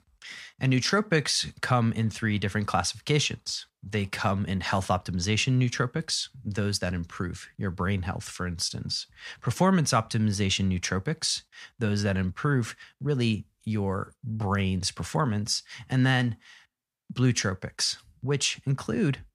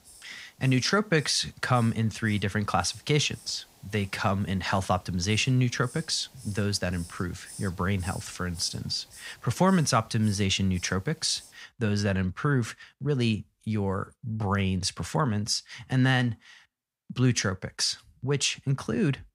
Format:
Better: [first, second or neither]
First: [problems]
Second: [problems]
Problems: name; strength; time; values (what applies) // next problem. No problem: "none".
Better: first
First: none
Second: hiss; faint; until 12 s; 20 dB below the speech